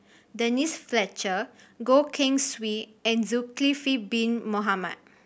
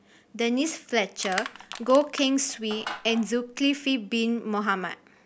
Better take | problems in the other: first | background sound (Crushing); 13 dB below the speech

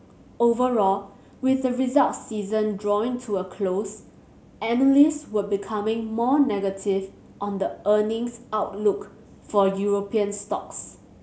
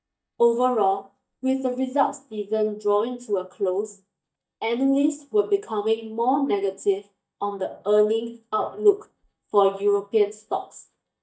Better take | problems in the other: first | noise reduction (neural mask model DeepFilterNet 3)

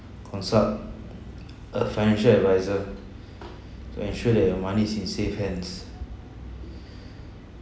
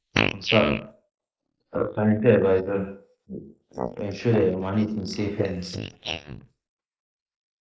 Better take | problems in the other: first | noise reduction (neural mask model Resemble Enhance denoiser)

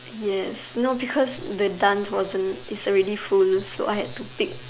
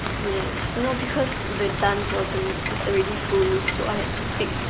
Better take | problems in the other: first | background sound (Rain); 1 dB below the speech

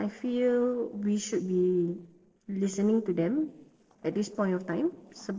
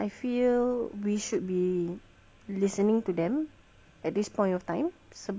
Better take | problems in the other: second | noise reduction (neural separator model SepFormer DNS4)

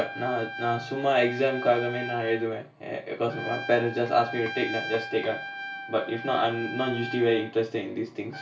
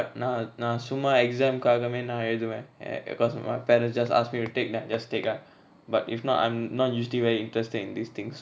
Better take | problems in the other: second | background sound (Trumpet); 10 dB below the speech // room echo; dies away in 0.2 s

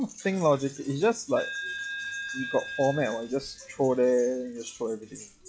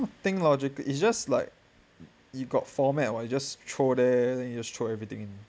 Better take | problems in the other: second | noise reduction (classical method log-MMSE)

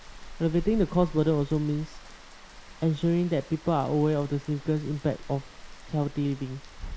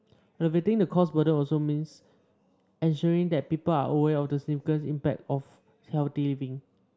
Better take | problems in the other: second | background sound (Rain); 13 dB below the speech

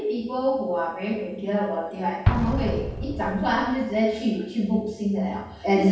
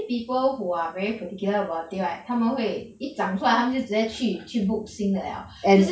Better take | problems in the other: second | background sound (Explosion); 7 dB below the speech // room echo; dies away in 0.8 s

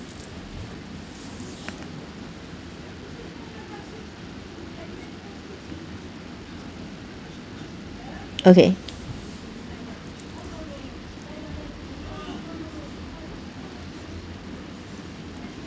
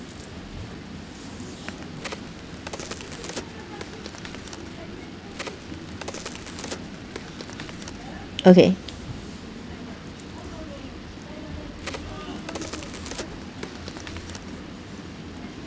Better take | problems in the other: first | background sound (Crack); 12 dB below the speech

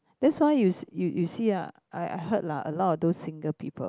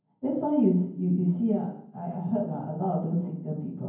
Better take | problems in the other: first | room echo; dies away in 0.9 s

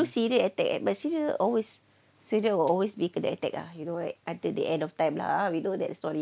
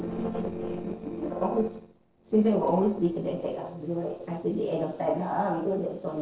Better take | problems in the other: first | noise reduction (neural separator model SepFormer DNS4)

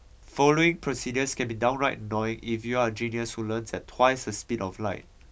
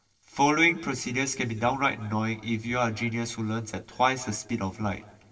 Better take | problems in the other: first | noise reduction (neural separator model SepFormer DNS4)

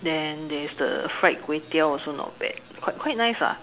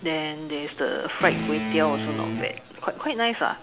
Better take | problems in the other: first | background sound (Guitar); 3 dB below the speech

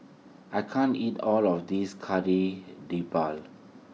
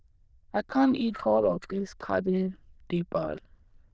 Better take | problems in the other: first | noise reduction (neural diffusion model UNIVERSE++)

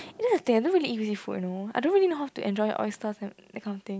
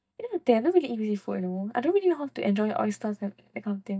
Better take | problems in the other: first | noise reduction (neural mask model DeepFilterNet 3)

